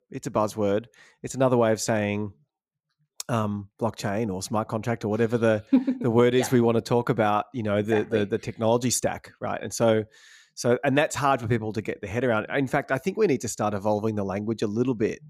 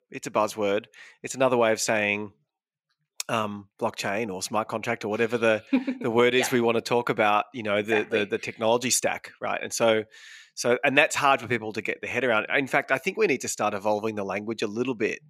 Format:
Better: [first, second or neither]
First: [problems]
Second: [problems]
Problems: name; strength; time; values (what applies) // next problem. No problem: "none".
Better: first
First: none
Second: thin; very slightly; fading below 450 Hz